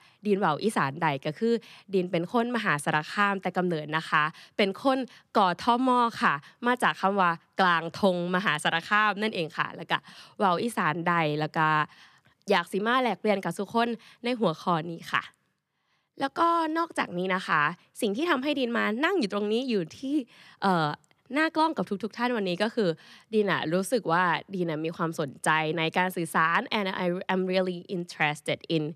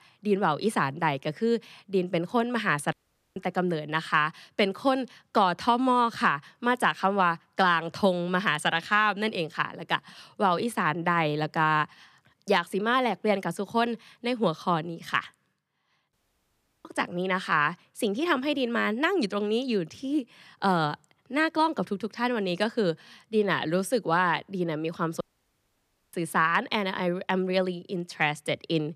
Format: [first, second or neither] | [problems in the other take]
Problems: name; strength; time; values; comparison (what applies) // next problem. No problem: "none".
first | audio cutting out; at 3 s, at 16 s for 0.5 s and at 25 s for 1 s